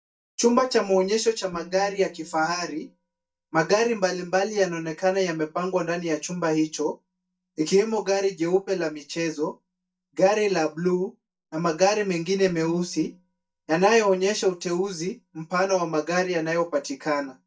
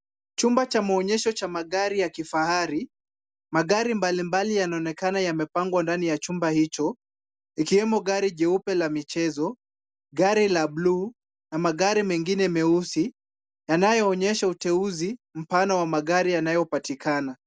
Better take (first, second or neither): second